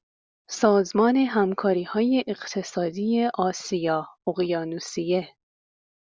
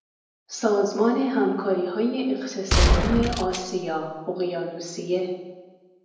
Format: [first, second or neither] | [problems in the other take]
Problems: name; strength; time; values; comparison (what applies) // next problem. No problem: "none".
first | background sound (Gunshot, gunfire); 3 dB above the speech // room echo; dies away in 0.9 s